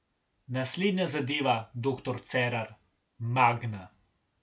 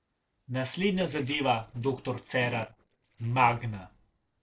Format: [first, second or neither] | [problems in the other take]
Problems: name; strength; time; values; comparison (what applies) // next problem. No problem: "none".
first | noise reduction (neural separator model SepFormer DNS4)